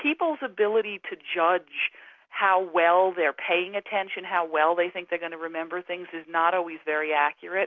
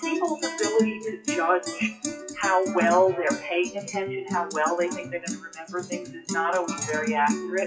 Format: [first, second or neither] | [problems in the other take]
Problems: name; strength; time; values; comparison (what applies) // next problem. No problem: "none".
first | noise reduction (classical method WPE with log-MMSE)